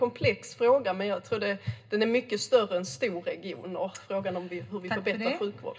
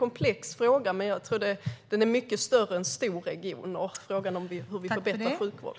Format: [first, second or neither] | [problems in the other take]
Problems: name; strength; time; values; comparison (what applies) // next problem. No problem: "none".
second | room echo; dies away in 0.2 s